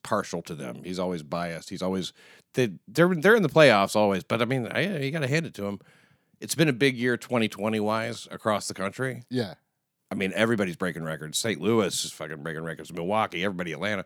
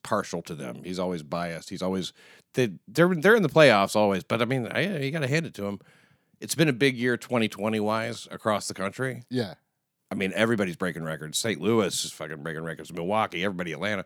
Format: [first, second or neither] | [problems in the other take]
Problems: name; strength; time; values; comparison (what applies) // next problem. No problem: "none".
neither | none